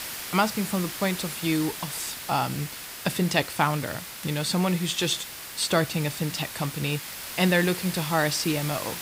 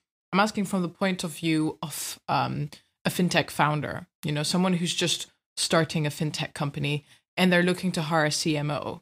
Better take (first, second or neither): second